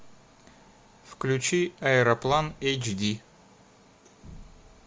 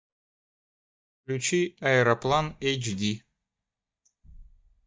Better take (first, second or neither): first